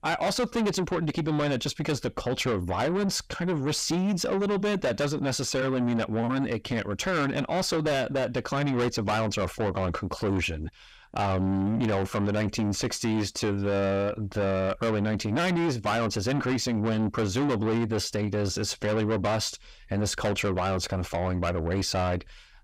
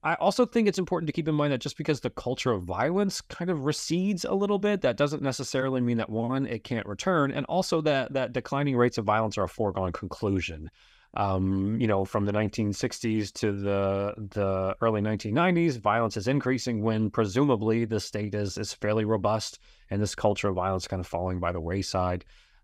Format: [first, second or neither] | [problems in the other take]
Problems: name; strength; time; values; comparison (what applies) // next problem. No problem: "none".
second | distortion; heavy; 6 dB below the speech